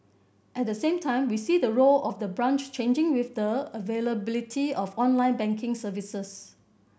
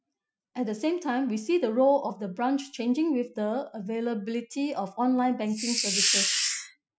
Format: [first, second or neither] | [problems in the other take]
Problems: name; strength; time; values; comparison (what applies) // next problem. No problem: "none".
first | noise reduction (classical method Wiener filter)